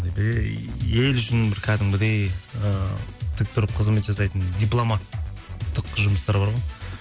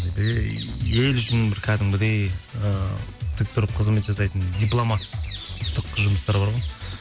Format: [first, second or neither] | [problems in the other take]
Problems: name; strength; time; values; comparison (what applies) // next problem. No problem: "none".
first | background sound (Bird vocalization, bird call, bird song); 19 dB below the speech